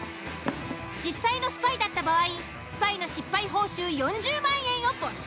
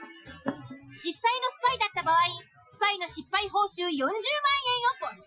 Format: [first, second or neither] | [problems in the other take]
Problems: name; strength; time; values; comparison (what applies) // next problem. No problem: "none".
first | noise reduction (classical method Wiener filter)